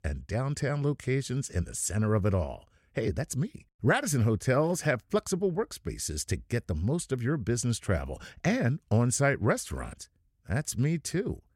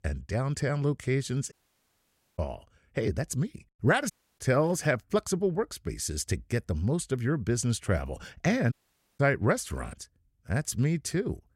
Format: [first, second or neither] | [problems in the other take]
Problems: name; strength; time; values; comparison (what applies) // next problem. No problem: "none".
first | audio cutting out; at 1.5 s for 1 s, at 4 s and at 8.5 s